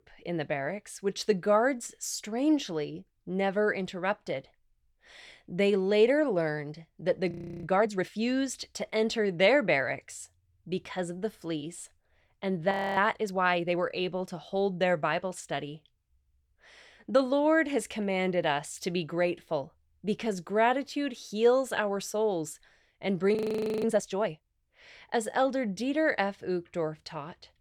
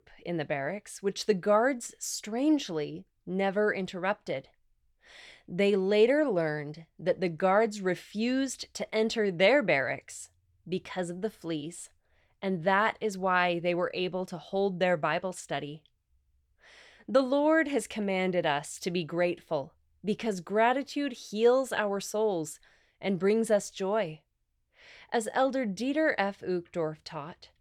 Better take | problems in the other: second | audio freezing; at 7.5 s, at 13 s and at 23 s

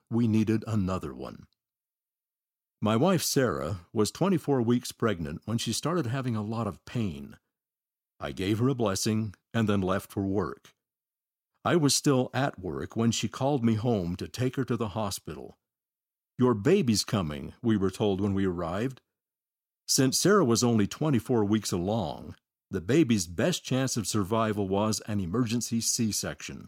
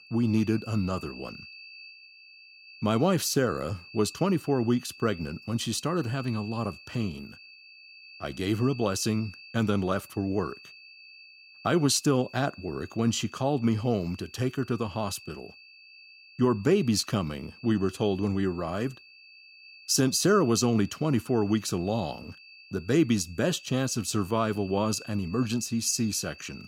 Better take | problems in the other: first | high-pitched whine; noticeable; throughout; 2.5 kHz, 20 dB below the speech

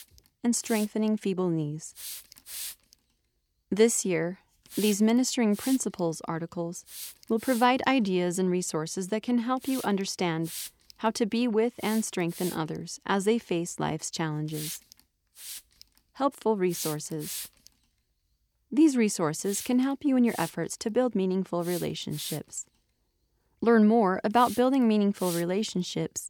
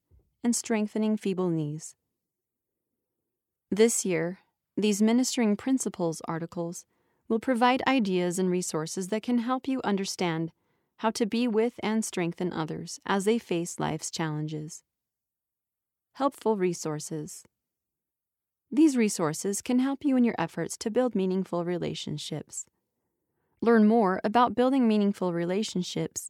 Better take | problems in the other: second | hiss; noticeable; throughout; 15 dB below the speech

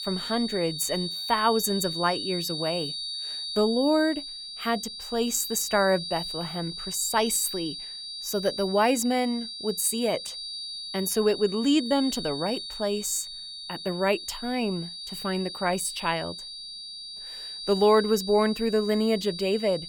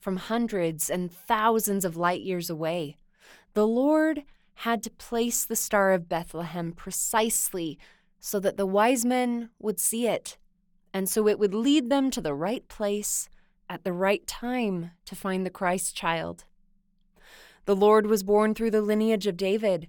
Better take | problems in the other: second | high-pitched whine; loud; throughout; 4.5 kHz, 7 dB below the speech

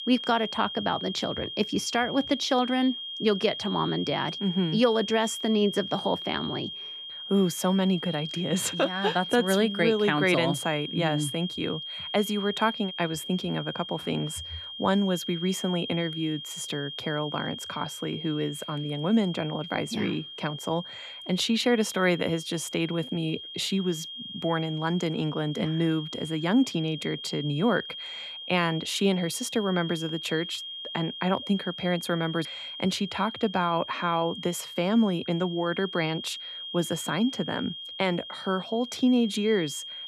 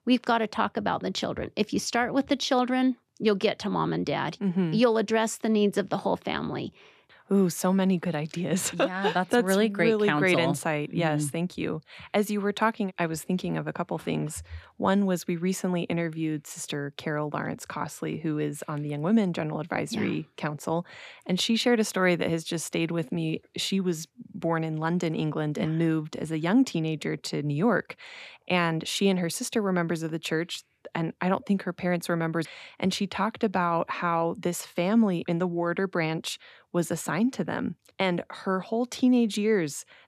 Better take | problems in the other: second | high-pitched whine; loud; throughout; 3 kHz, 8 dB below the speech

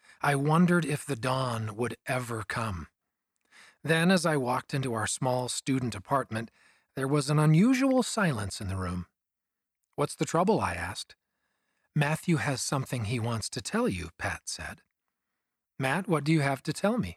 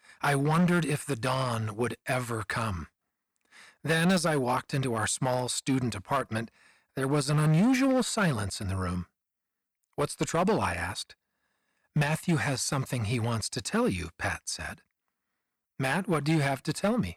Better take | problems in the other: first | distortion; slight; 5% of the sound clipped

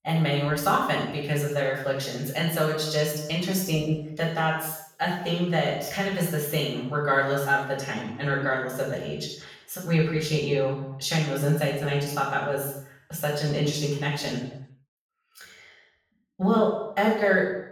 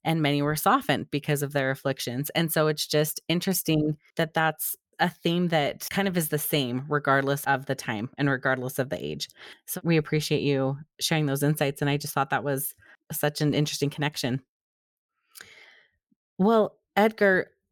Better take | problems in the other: second | room echo; noticeable; dies away in 0.7 s // off-mic speech; far

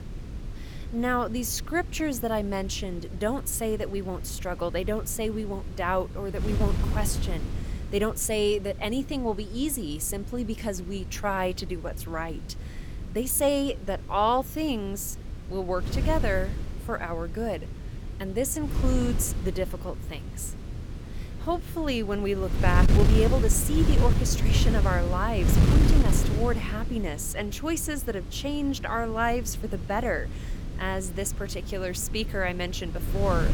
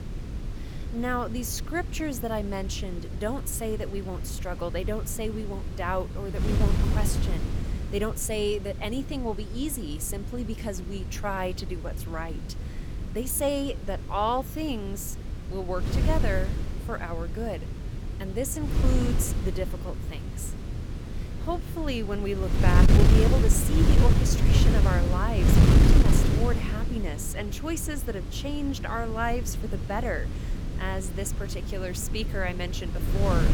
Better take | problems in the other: first | wind noise on the microphone; heavy; 5 dB below the speech; occasional gusts in the first

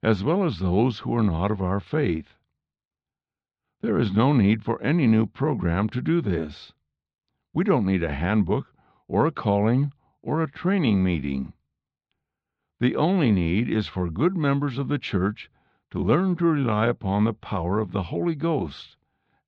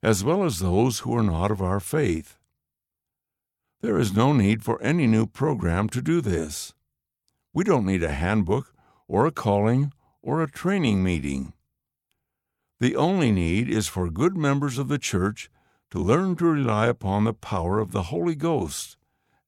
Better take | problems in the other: second | muffled; slightly; fading above 4 kHz

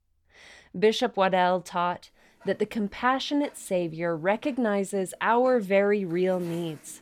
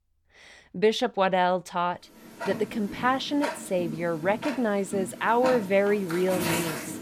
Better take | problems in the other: first | household noises; loud; from 2 s on; 8 dB below the speech; faint in the first

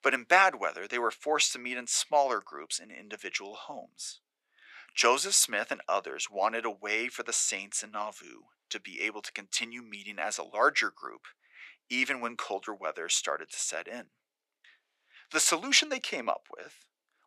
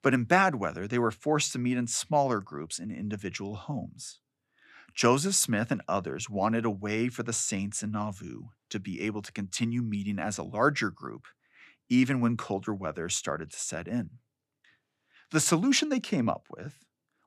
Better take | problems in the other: second | thin; very; fading below 450 Hz

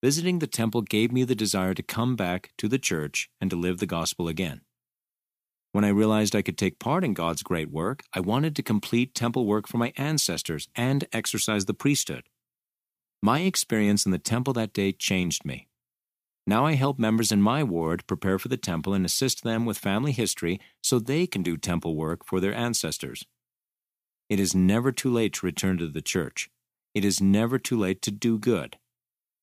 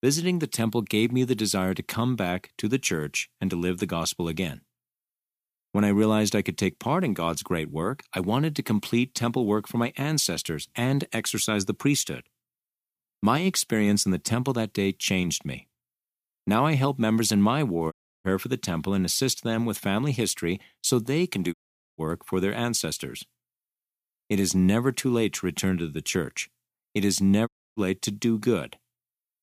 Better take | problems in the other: first | audio cutting out; at 18 s, at 22 s and at 27 s

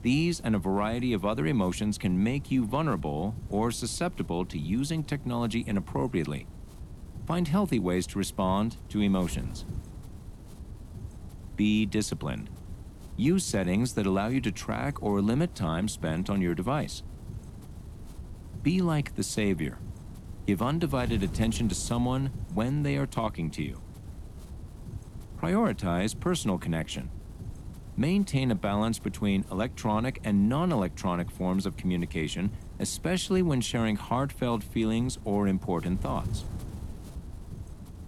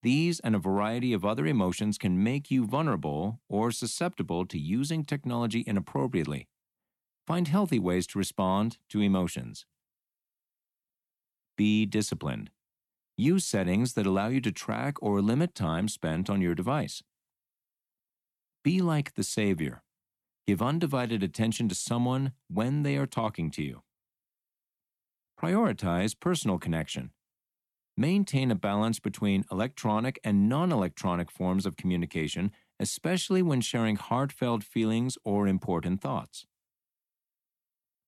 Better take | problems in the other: second | wind noise on the microphone; occasional gusts; 20 dB below the speech

